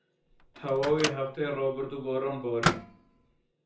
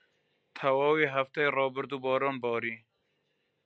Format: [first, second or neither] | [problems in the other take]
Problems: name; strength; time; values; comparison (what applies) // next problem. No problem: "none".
second | background sound (Microwave oven); 4 dB below the speech // room echo; dies away in 0.6 s